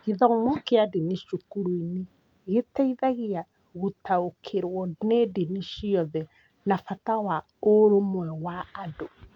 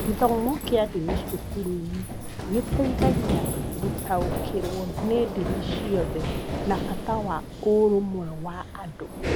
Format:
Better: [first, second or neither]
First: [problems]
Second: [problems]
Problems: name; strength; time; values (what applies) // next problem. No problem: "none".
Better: first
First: none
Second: background sound (Run); 2 dB below the speech